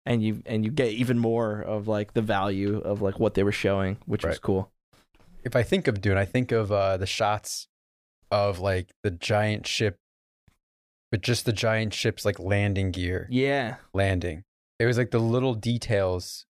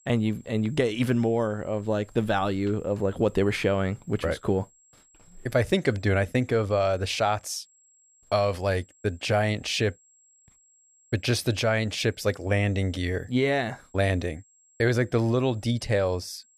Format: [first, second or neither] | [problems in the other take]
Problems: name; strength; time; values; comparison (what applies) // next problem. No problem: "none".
first | high-pitched whine; faint; throughout; 7.5 kHz, 30 dB below the speech